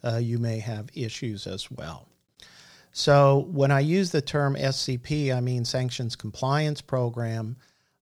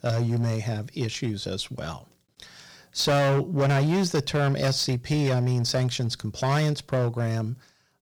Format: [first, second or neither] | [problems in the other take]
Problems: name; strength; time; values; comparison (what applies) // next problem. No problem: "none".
first | distortion; heavy; 11% of the sound clipped